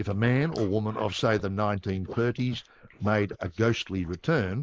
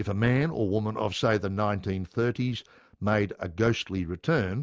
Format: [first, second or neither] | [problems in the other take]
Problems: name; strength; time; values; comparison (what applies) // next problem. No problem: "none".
second | noise reduction (neural mask model Resemble Enhance denoiser)